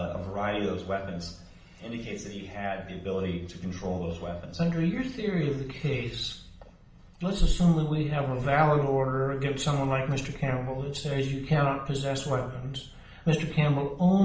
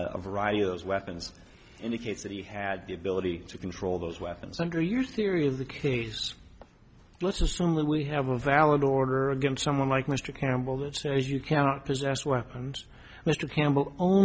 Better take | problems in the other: second | room echo; dies away in 0.6 s

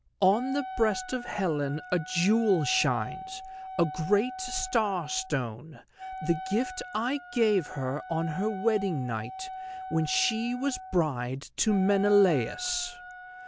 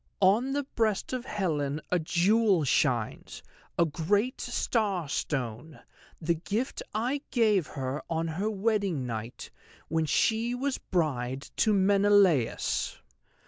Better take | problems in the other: second | background sound (Wind instrument, woodwind instrument); 12 dB below the speech

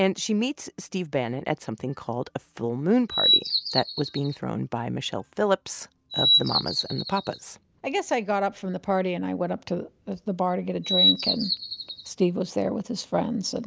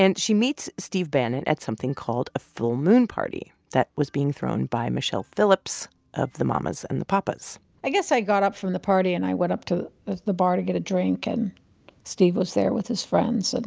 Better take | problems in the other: second | background sound (Bird vocalization, bird call, bird song); 3 dB above the speech

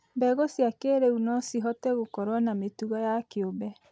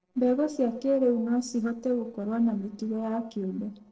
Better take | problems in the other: first | noise reduction (neural separator model SepFormer DNS4)

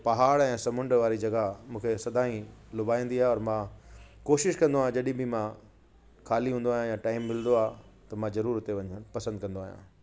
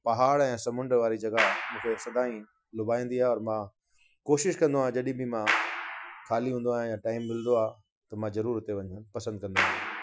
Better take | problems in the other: first | noise reduction (classical method Wiener filter)

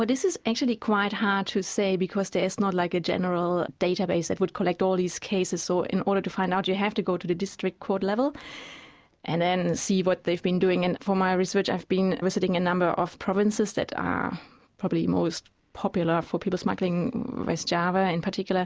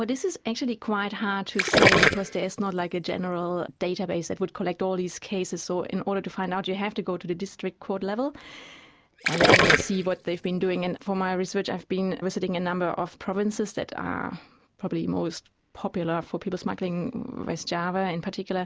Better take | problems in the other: first | background sound (Gurgling); 2 dB above the speech

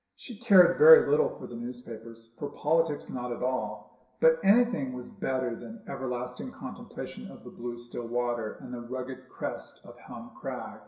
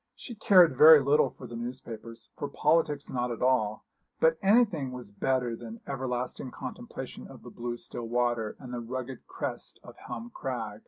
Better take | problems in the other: second | room echo; dies away in 0.9 s

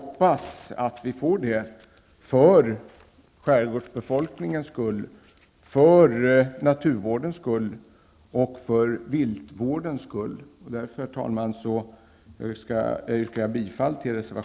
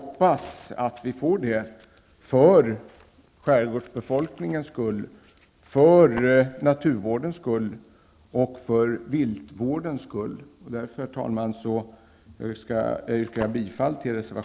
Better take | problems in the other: first | background sound (Tap); 14 dB below the speech

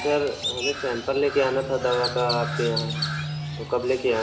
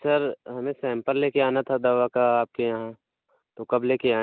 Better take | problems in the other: second | background sound (Crow); 5 dB below the speech // room echo; dies away in 0.8 s

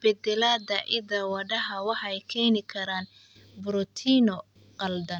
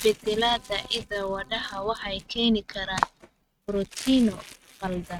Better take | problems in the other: first | noise reduction (neural mask model RNNoise)

